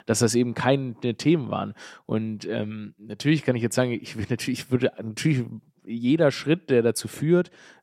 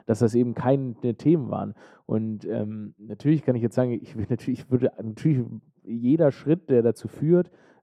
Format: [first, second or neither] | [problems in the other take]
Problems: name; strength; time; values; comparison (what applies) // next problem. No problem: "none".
first | muffled; very; fading above 1.5 kHz